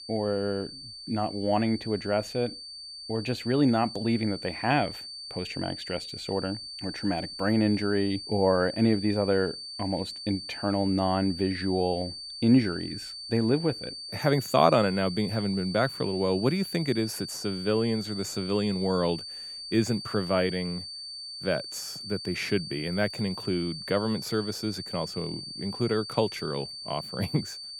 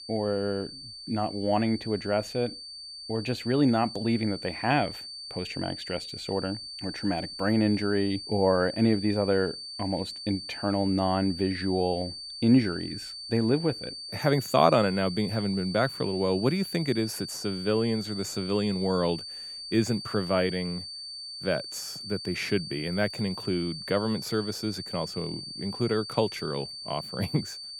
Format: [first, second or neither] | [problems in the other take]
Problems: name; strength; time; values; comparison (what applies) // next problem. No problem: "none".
neither | high-pitched whine; loud; throughout; 4.5 kHz, 9 dB below the speech; the same in both